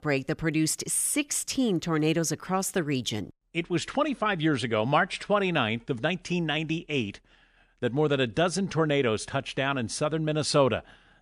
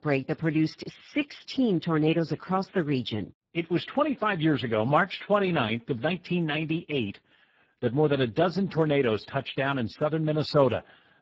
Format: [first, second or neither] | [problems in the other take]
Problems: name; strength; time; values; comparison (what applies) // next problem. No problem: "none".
first | garbled, watery; badly